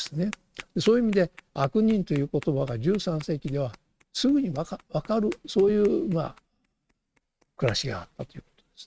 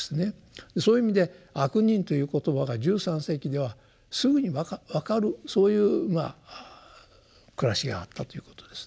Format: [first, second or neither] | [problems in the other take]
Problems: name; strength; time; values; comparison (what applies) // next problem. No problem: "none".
second | noise reduction (neural mask model RNNoise)